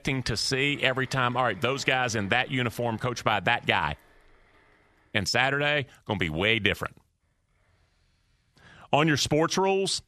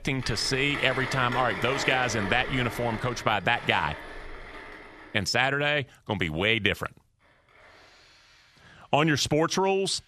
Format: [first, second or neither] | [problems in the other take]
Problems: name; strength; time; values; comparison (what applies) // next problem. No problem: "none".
first | machinery noise; loud; throughout; 10 dB below the speech; faint in the first